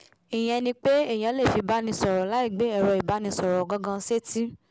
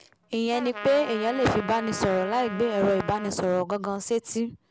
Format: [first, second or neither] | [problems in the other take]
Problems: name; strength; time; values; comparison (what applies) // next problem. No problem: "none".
first | background sound (Trumpet); 12 dB below the speech